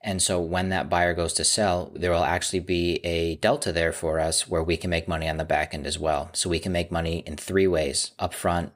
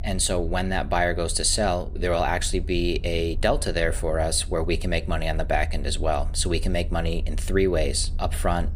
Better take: first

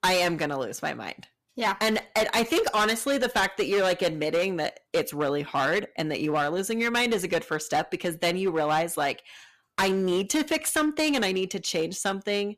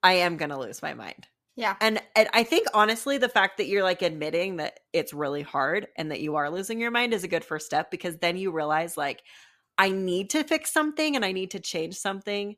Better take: second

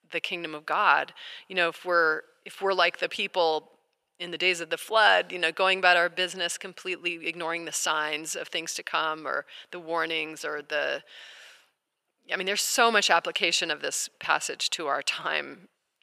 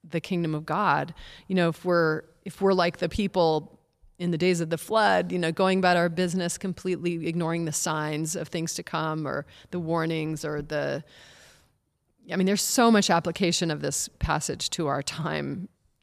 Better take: second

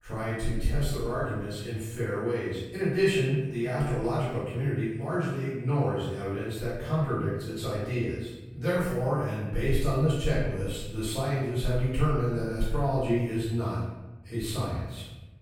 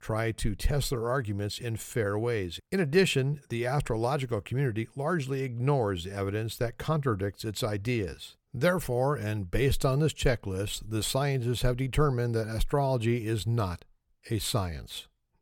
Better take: second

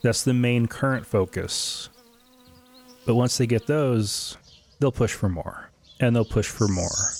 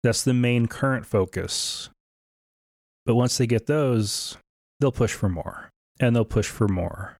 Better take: second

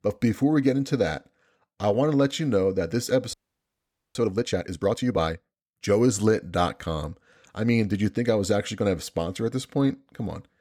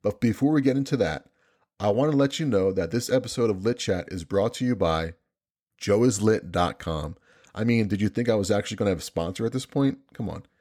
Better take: second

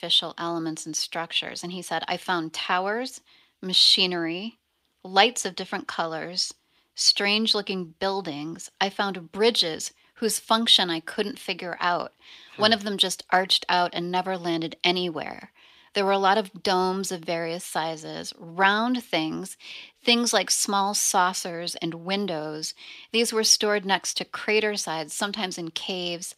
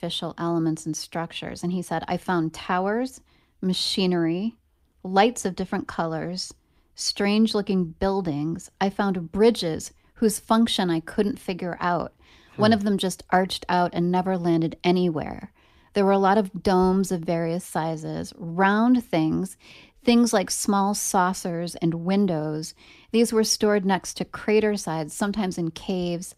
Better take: second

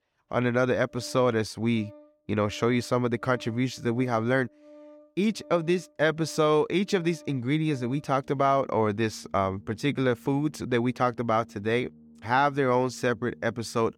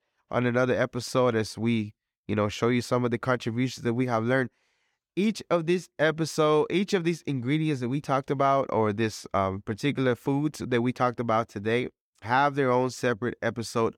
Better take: second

